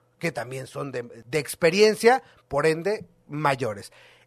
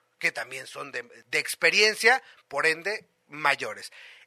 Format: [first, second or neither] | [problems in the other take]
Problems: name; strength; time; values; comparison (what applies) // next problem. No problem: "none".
first | thin; somewhat; fading below 900 Hz